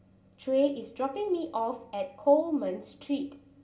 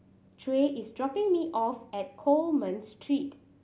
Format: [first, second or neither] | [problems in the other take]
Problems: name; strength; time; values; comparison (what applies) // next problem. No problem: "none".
second | room echo; dies away in 0.4 s